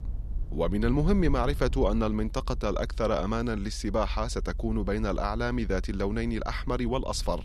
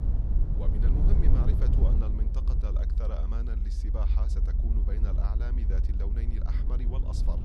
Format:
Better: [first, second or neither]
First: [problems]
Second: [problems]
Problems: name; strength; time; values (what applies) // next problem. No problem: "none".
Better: first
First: low rumble; faint; throughout; 25 dB below the speech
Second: low rumble; loud; throughout; as loud as the speech